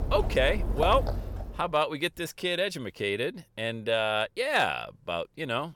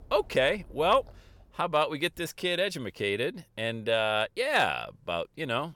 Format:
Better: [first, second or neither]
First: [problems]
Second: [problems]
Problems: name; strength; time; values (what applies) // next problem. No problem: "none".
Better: second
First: animal sounds; loud; until 1.5 s; 4 dB below the speech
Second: animal sounds; faint; until 1.5 s; 25 dB below the speech